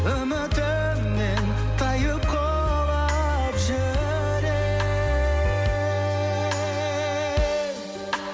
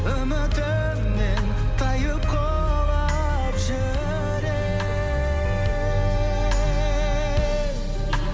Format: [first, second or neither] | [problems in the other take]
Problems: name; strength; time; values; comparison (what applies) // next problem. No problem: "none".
first | background sound (Vehicle); 1 dB above the speech